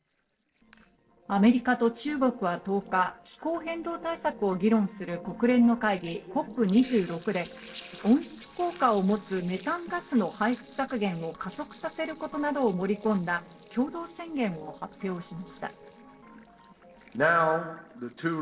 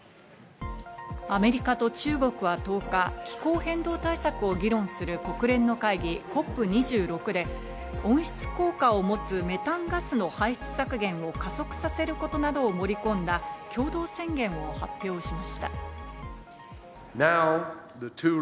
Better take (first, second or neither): second